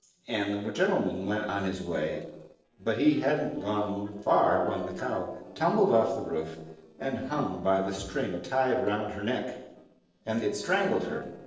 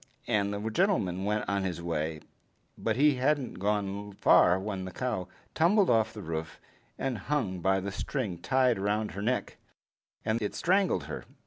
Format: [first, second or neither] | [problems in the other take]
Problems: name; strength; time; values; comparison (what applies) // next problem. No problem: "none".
second | noise reduction (neural separator model SepFormer DNS4)